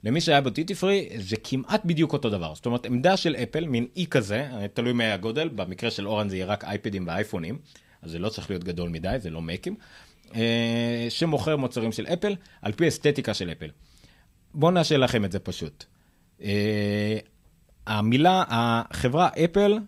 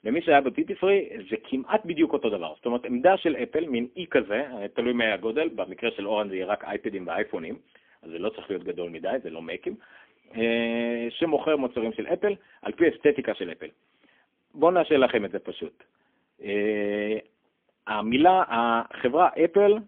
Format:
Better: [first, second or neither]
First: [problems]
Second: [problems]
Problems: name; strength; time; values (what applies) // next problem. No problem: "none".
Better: first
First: none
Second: phone-call audio; poor line; nothing above 3.5 kHz